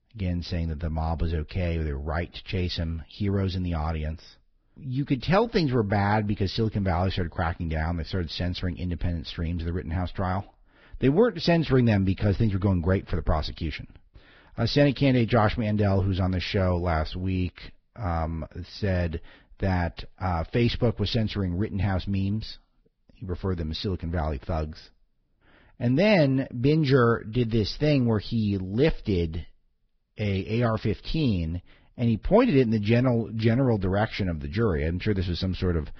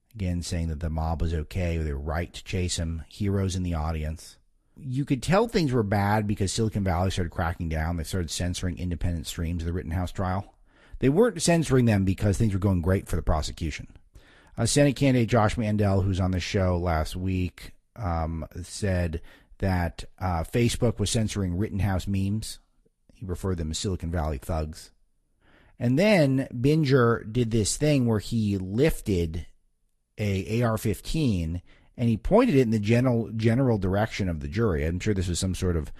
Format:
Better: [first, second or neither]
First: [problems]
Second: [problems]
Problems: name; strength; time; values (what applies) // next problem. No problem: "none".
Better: second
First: garbled, watery; badly; nothing above 5.5 kHz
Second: garbled, watery; slightly; nothing above 12.5 kHz